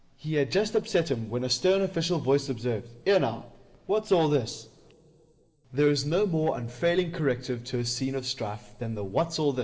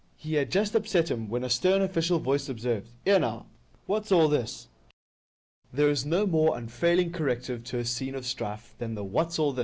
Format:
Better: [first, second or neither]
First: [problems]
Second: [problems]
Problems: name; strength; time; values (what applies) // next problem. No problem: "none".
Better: second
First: room echo; dies away in 1.2 s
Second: none